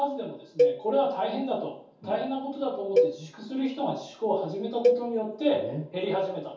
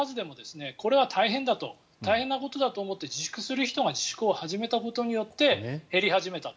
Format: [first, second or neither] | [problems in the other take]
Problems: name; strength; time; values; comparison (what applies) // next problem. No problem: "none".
second | background sound (Cowbell); as loud as the speech // room echo; dies away in 0.6 s